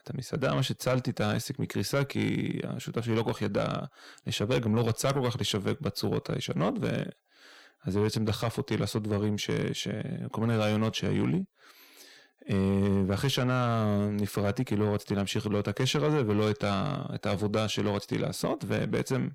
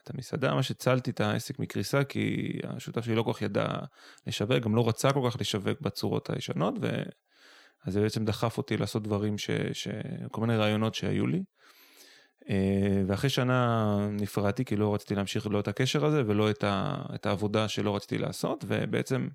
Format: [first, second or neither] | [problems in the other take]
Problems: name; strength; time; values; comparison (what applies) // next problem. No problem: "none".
second | distortion; slight; 10 dB below the speech